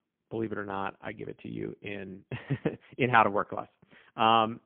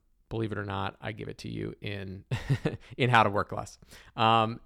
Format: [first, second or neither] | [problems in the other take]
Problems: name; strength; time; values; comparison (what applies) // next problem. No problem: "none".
second | phone-call audio; poor line; nothing above 3 kHz